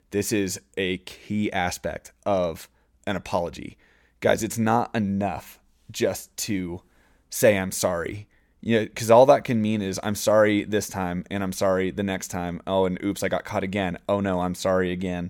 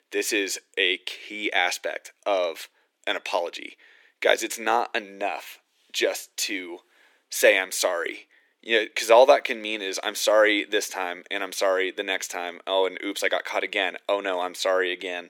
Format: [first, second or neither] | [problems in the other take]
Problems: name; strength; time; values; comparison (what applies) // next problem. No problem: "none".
first | thin; very; fading below 300 Hz